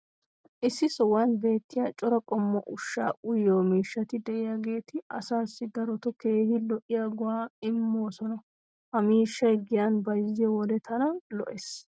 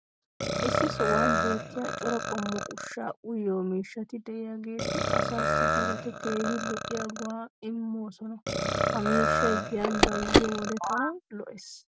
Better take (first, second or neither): first